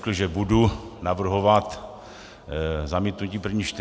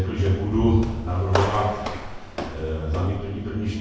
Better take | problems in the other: first | background sound (Walk, footsteps); 9 dB below the speech // room echo; dies away in 1.3 s

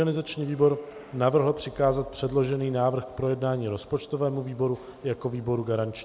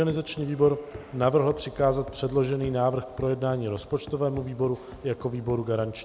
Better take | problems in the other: first | background sound (Run); 20 dB below the speech

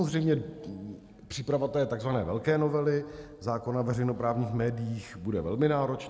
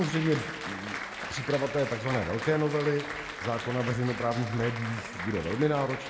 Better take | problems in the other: first | background sound (Applause); 8 dB below the speech

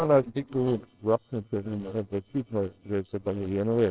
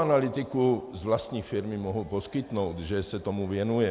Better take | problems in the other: second | noise reduction (neural separator model SepFormer WHAMR!)

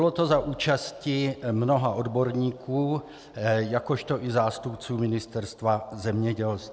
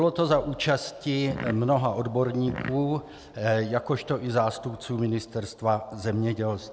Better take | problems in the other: first | background sound (Fart); 11 dB below the speech

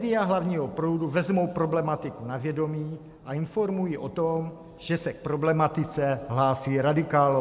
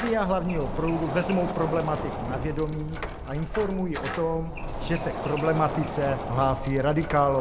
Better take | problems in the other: first | background sound (Door); 6 dB below the speech

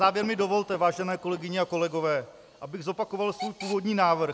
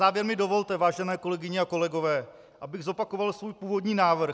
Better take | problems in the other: second | background sound (Hiss / Alarm / Train + Fireworks); 17 dB below the speech

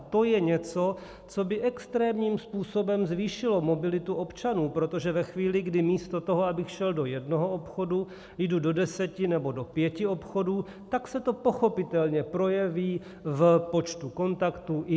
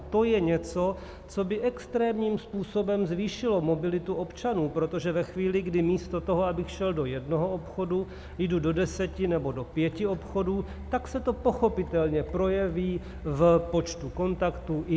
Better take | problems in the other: first | background sound (Truck); 15 dB below the speech

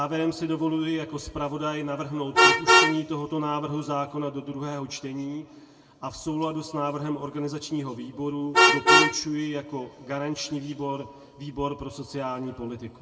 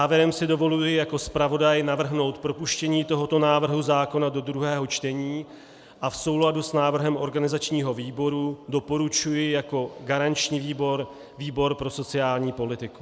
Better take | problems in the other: second | background sound (Vehicle horn, car horn, honking); 2 dB above the speech // room echo; dies away in 1.6 s

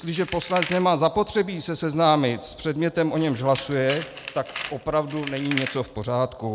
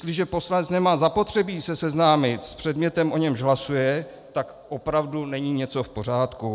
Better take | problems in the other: second | background sound (Tools); 14 dB below the speech

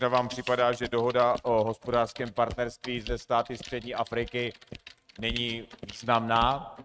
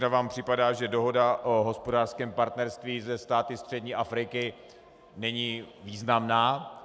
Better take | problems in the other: second | noise reduction (neural mask model RNNoise)

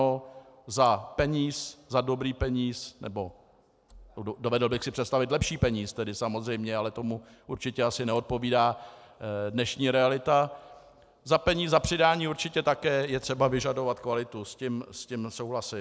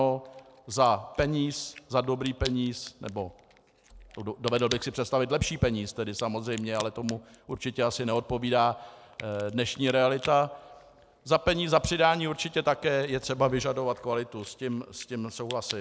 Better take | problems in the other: first | background sound (Crack); 19 dB below the speech

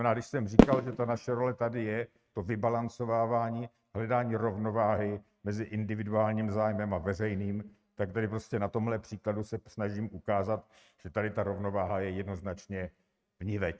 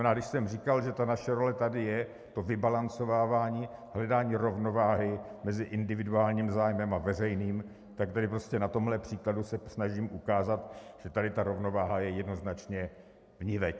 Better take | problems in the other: second | noise reduction (neural mask model RNNoise)

